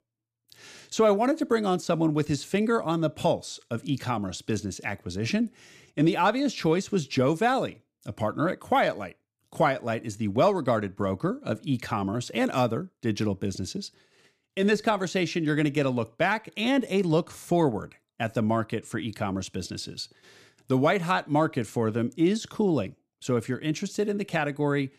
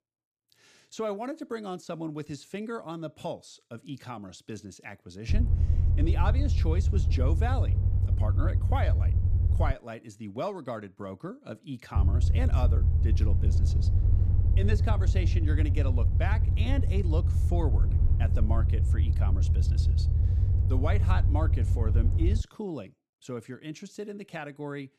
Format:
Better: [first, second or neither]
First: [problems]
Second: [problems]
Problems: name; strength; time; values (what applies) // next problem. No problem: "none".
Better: first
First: none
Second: low rumble; loud; from 5.5 to 9.5 s and from 12 to 22 s; 5 dB below the speech